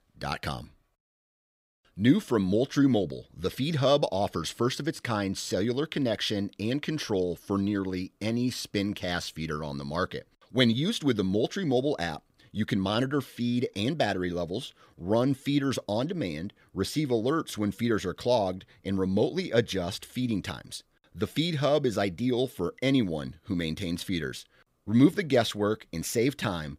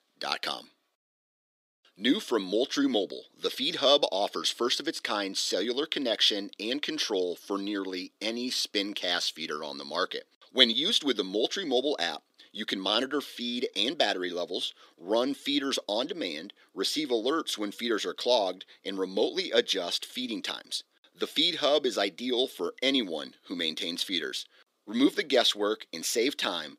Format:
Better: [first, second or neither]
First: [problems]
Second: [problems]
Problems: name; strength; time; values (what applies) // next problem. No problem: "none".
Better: first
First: none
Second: thin; very slightly; fading below 300 Hz